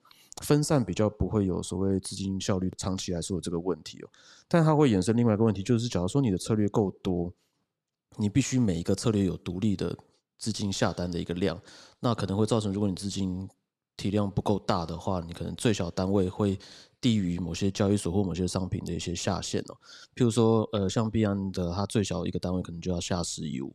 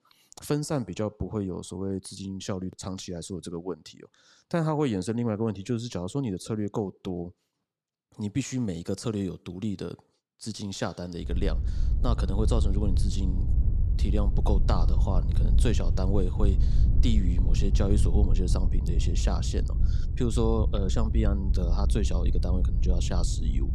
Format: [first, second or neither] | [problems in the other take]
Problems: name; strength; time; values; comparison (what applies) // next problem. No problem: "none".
first | low rumble; loud; from 11 s on; 9 dB below the speech